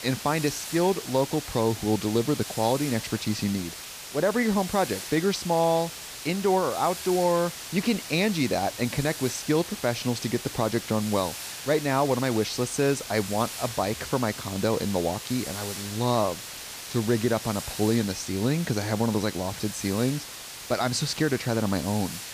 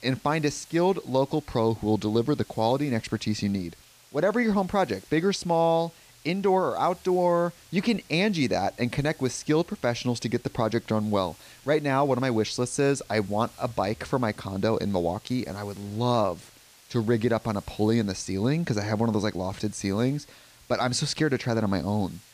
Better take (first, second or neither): second